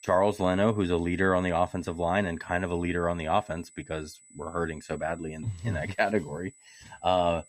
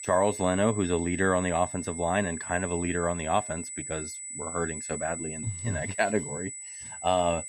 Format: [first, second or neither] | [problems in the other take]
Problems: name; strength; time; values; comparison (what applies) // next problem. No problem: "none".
first | high-pitched whine; loud; throughout; 8 kHz, 7 dB below the speech; faint in the first